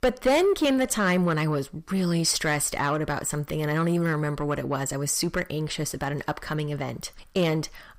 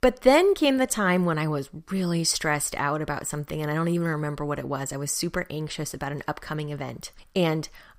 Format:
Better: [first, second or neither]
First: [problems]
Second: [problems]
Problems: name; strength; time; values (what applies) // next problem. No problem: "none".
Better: second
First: distortion; slight; 10 dB below the speech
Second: none